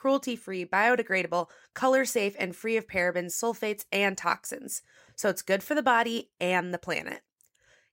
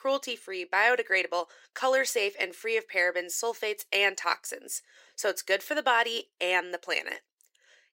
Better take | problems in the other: first | thin; somewhat; fading below 350 Hz

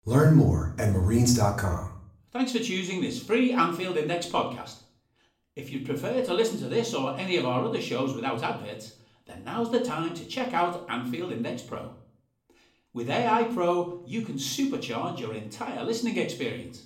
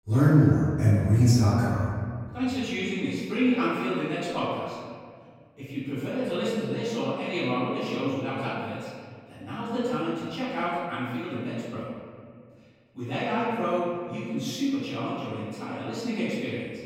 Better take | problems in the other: first | room echo; strong; dies away in 2 s; slight in the first // off-mic speech; far; somewhat distant in the first

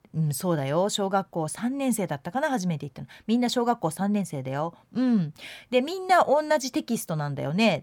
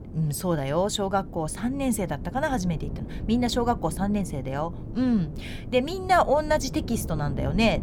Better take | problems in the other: first | wind noise on the microphone; occasional gusts; 15 dB below the speech

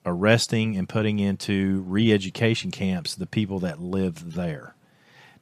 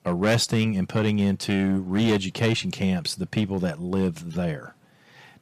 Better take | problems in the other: first | distortion; slight; 5% of the sound clipped

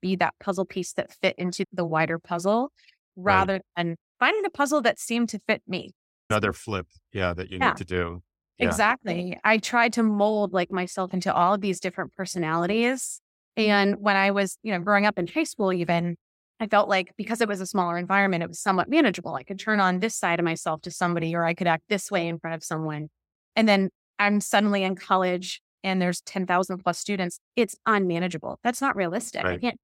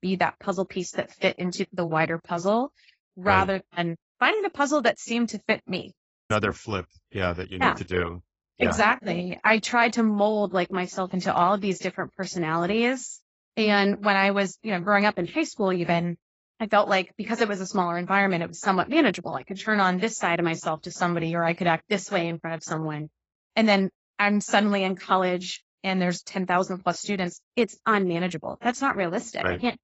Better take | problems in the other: first | garbled, watery; badly; nothing above 7.5 kHz

